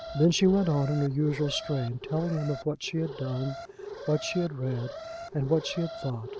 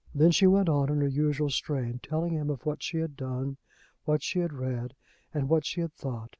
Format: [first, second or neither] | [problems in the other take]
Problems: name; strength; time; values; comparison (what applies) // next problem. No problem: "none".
second | background sound (Alarm); 12 dB below the speech